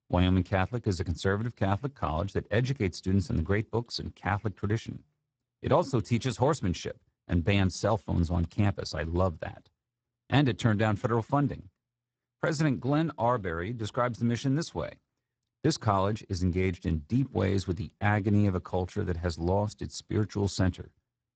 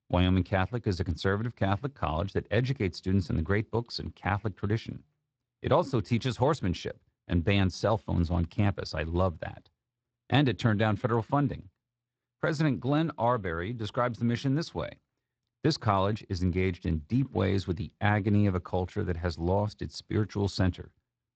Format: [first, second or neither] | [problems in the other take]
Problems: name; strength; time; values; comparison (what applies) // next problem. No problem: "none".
second | garbled, watery; badly; nothing above 8 kHz; slightly in the second